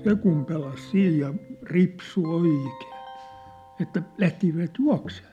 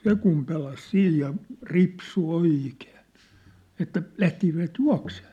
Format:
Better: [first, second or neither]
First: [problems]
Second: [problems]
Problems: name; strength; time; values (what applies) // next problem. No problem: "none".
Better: second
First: background sound (Keyboard (musical)); 19 dB below the speech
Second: none